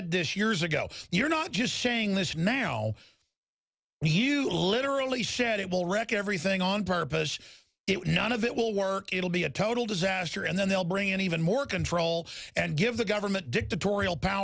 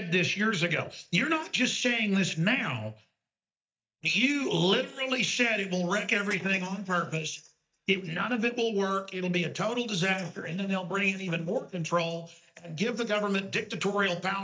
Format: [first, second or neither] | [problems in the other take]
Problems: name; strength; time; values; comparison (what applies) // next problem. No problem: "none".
first | noise reduction (neural mask model DeepFilterNet 3)